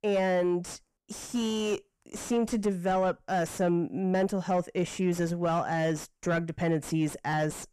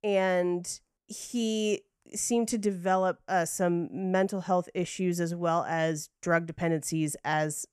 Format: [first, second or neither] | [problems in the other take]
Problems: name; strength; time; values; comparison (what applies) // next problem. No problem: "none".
second | distortion; slight; 9 dB below the speech